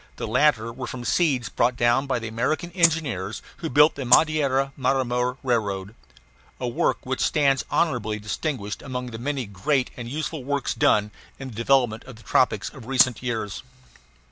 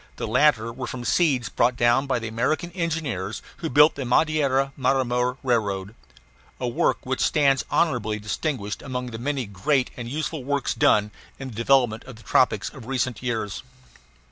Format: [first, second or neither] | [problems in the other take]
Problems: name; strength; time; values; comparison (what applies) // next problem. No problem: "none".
second | background sound (Rattle (instrument)); 1 dB below the speech